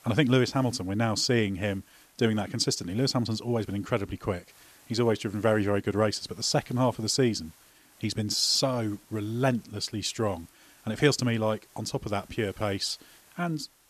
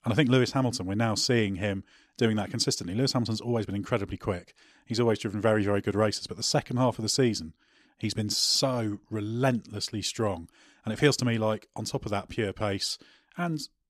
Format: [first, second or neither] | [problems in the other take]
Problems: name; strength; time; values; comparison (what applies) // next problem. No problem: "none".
second | hiss; faint; throughout; 30 dB below the speech